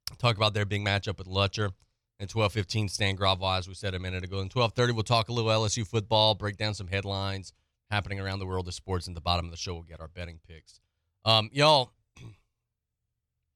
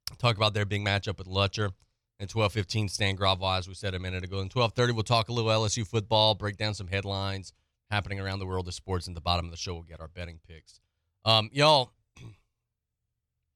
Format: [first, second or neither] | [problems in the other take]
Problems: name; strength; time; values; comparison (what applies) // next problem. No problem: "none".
neither | none